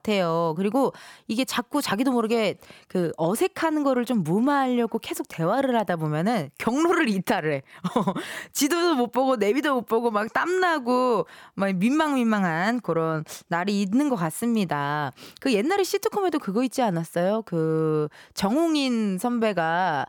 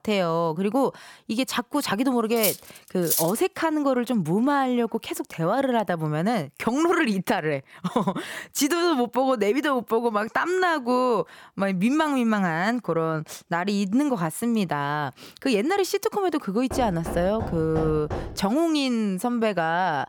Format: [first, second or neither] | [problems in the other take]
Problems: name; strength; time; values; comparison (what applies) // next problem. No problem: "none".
first | clattering dishes; loud; at 2.5 s; peak level with the speech // door banging; noticeable; from 17 to 18 s; peak 8 dB below the speech